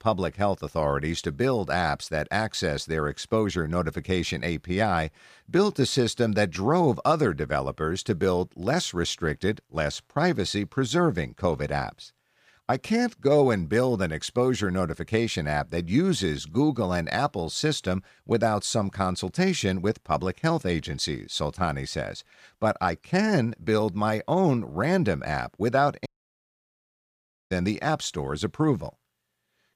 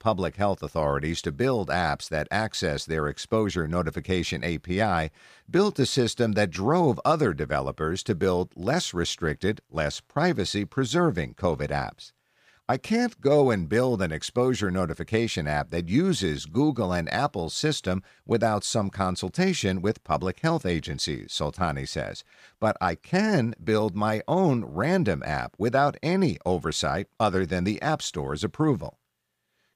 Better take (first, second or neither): second